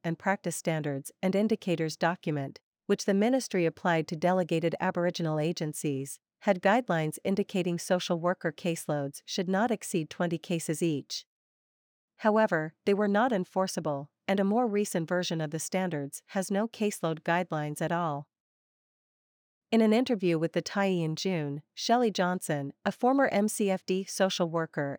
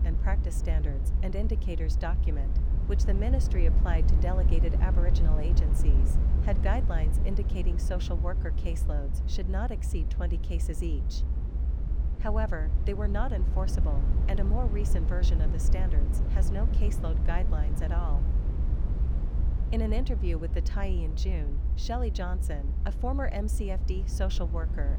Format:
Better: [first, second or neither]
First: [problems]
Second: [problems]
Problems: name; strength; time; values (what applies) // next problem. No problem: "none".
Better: first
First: none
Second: low rumble; loud; throughout; 7 dB below the speech